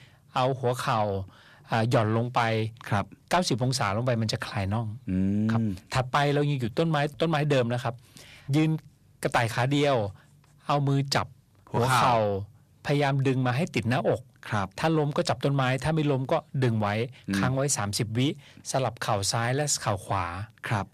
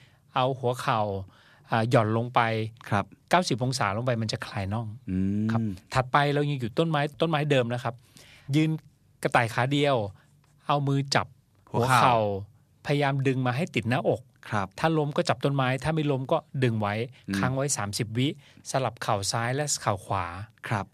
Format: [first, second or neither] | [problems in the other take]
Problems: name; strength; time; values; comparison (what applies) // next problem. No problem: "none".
second | distortion; slight; 10 dB below the speech